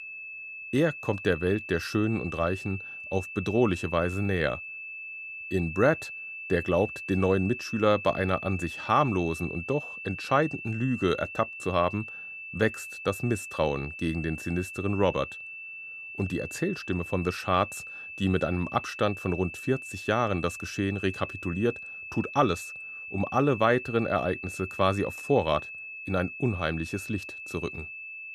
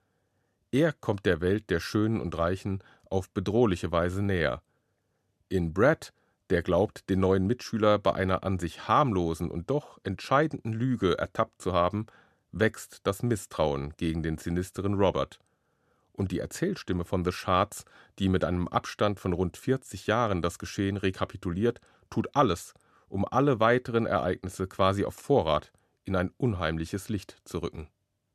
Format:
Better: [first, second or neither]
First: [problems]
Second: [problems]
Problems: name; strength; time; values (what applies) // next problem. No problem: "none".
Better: second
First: high-pitched whine; loud; throughout; 2.5 kHz, 9 dB below the speech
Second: none